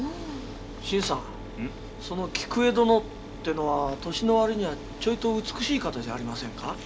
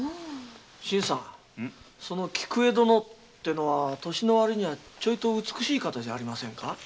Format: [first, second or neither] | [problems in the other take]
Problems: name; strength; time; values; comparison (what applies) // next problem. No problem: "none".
second | background sound (Mechanisms); 11 dB below the speech